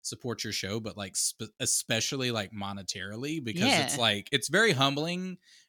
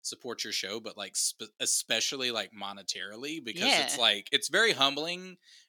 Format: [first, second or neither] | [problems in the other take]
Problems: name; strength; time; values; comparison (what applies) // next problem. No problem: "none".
first | thin; somewhat; fading below 350 Hz